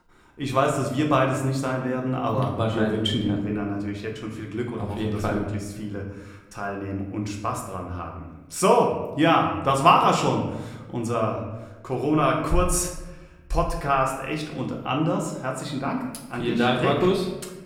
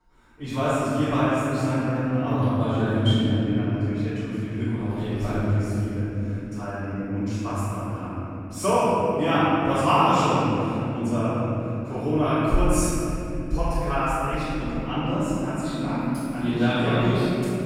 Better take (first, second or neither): first